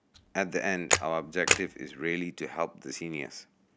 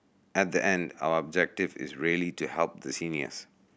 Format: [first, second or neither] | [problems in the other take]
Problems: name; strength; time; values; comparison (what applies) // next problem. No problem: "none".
second | background sound (Camera); 2 dB above the speech